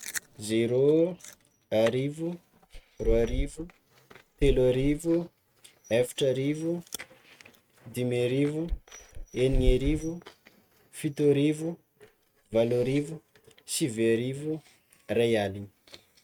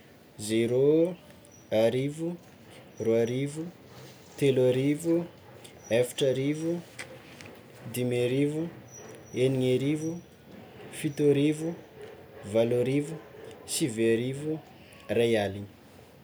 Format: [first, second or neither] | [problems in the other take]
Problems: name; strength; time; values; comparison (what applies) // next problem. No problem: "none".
second | noise reduction (neural mask model RNNoise)